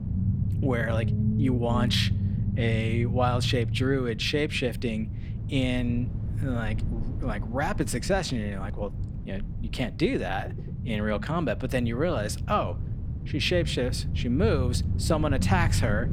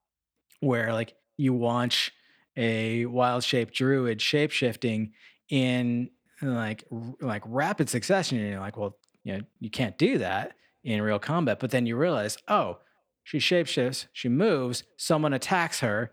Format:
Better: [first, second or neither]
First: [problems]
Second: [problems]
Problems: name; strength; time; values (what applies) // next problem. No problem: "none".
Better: second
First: low rumble; noticeable; throughout; 15 dB below the speech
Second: none